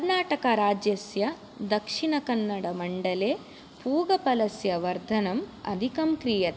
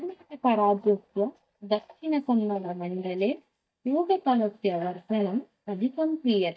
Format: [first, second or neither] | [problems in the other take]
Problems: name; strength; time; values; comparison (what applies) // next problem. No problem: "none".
first | noise reduction (neural mask model DeepFilterNet 3)